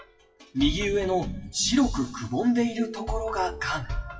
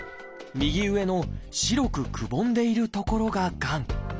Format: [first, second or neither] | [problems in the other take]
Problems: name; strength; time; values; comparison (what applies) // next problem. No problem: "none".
second | noise reduction (classical method WPE with log-MMSE)